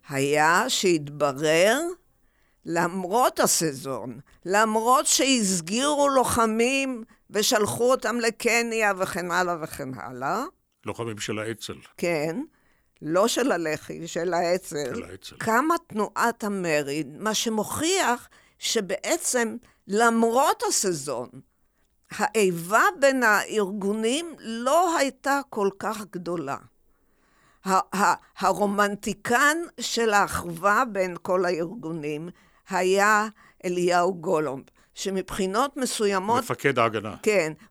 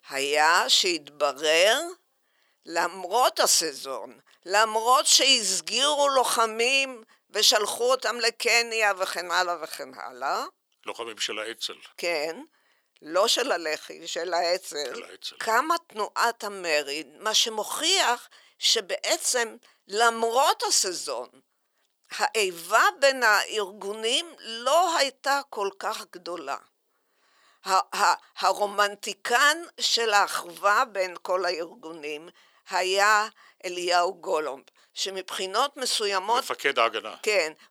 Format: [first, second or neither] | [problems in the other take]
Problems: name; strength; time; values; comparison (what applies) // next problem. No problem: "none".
first | thin; somewhat; fading below 550 Hz